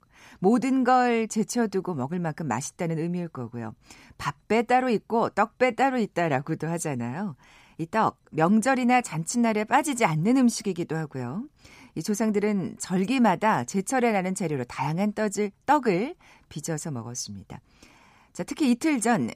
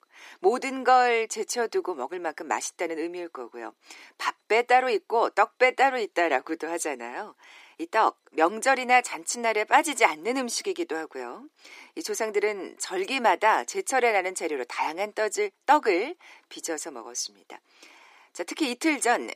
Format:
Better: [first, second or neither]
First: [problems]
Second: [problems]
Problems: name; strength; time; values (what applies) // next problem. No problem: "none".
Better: first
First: none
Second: thin; very; fading below 350 Hz